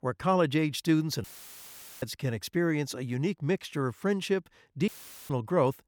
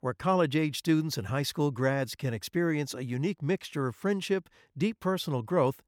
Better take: second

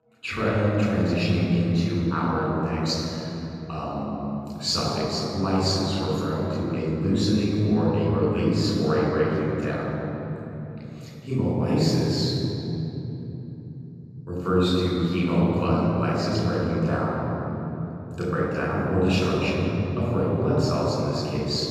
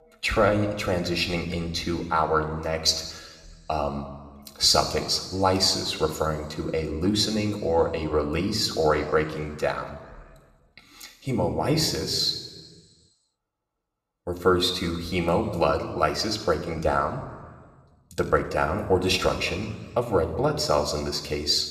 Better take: second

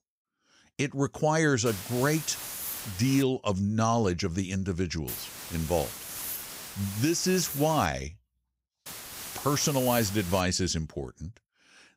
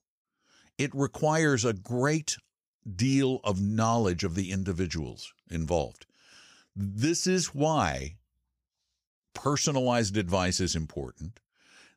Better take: second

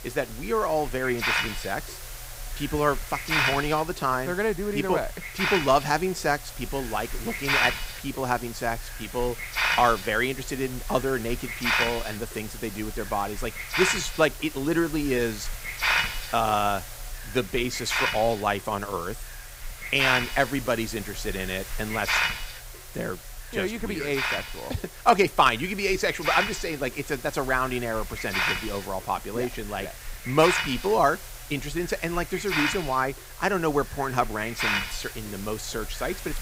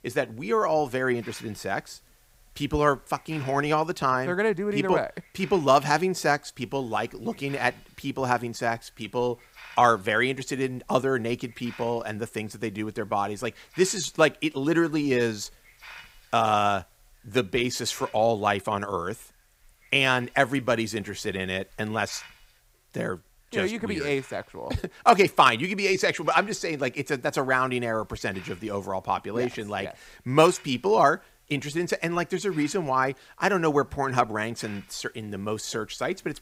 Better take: second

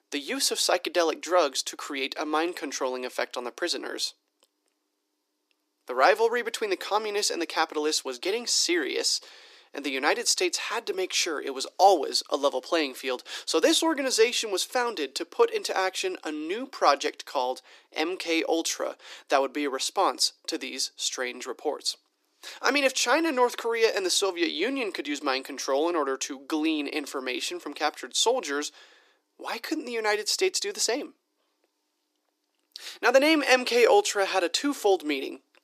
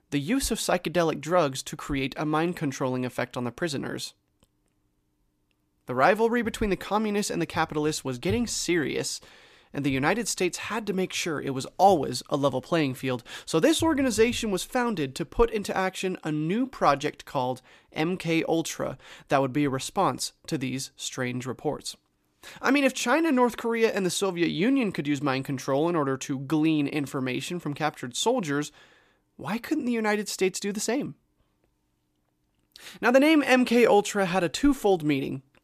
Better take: second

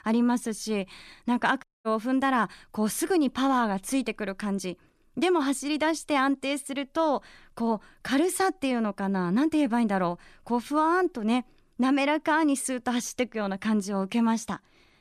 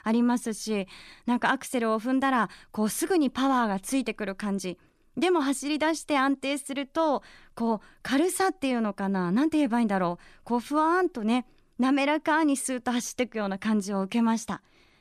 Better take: second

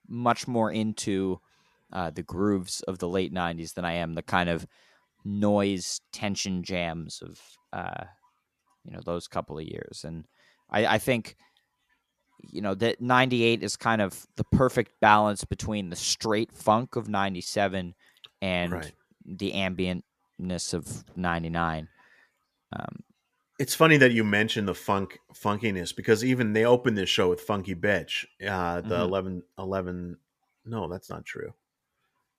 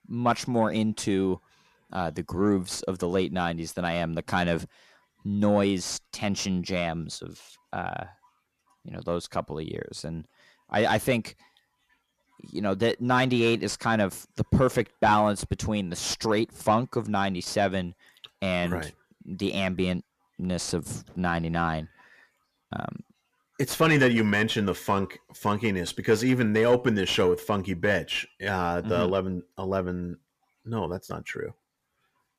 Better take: first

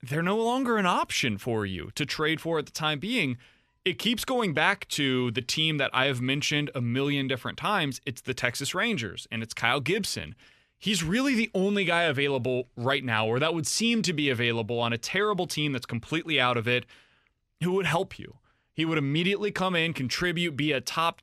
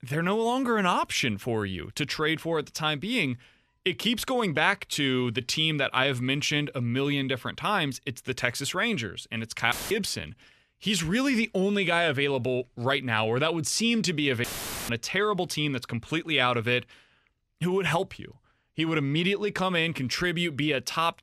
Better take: first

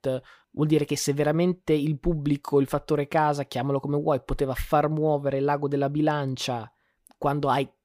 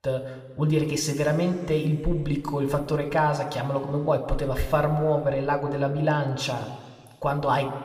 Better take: first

